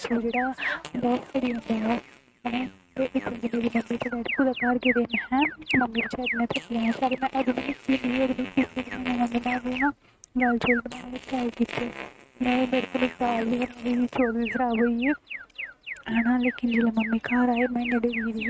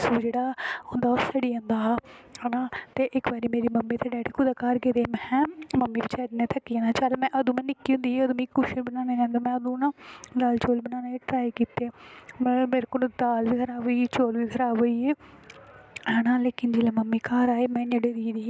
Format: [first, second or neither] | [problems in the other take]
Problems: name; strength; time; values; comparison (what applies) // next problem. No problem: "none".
second | noise reduction (neural mask model RNNoise)